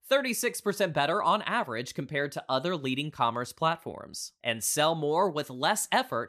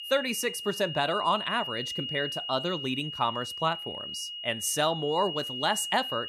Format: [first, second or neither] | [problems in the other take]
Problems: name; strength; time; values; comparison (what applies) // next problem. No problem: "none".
first | high-pitched whine; loud; throughout; 3 kHz, 5 dB below the speech